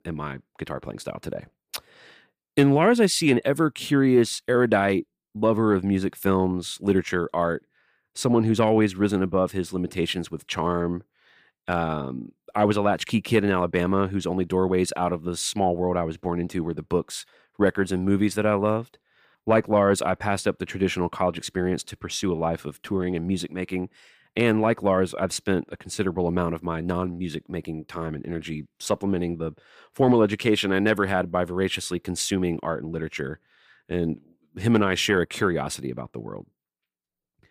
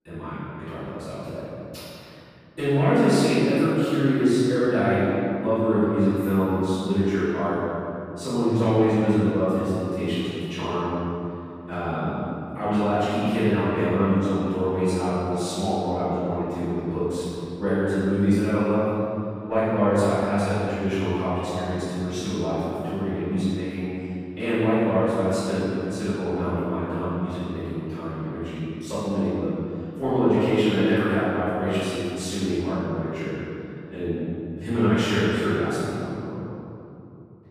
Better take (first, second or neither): first